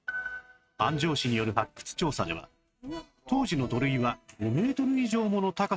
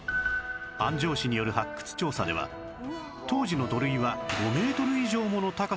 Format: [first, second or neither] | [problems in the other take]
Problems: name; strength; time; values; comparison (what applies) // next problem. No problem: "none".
second | noise reduction (neural mask model RNNoise)